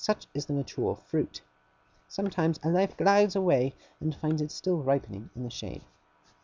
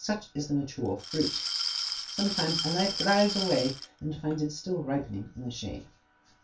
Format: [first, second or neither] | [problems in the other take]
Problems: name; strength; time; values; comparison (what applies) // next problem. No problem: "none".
first | background sound (Glass); 2 dB below the speech // room echo; dies away in 0.2 s